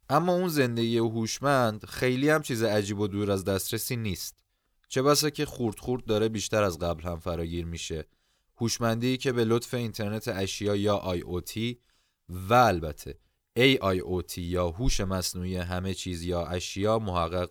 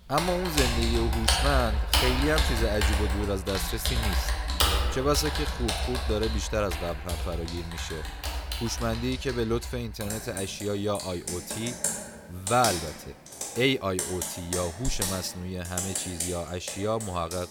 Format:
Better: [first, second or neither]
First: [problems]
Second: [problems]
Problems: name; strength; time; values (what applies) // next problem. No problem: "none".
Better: first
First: none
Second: household noises; very loud; throughout; as loud as the speech